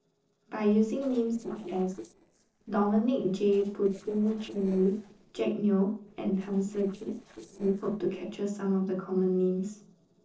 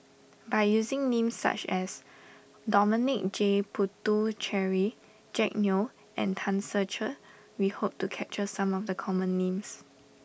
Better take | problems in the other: second | noise reduction (neural separator model SepFormer DNS4)

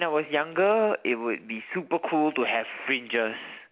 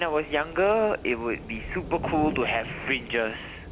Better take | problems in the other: first | background sound (Thunder / Rain); 11 dB below the speech

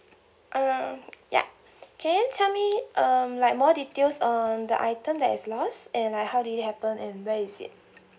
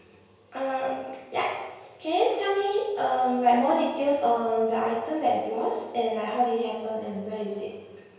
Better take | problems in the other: first | room echo; dies away in 1 s

